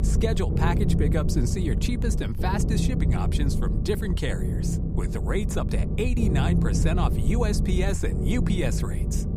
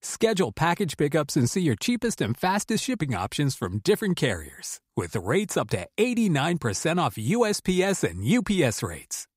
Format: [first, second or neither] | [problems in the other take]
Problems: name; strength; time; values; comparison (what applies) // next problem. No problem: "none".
second | low rumble; loud; throughout; 4 dB below the speech